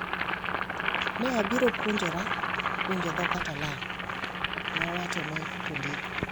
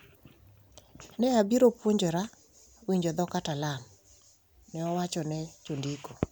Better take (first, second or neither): second